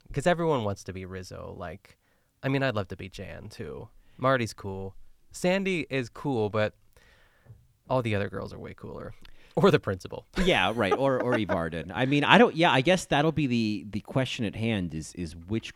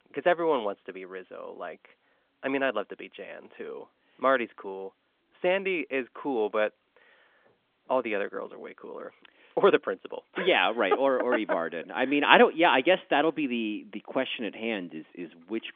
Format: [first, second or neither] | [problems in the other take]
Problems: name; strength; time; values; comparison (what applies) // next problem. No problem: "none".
first | phone-call audio; nothing above 3.5 kHz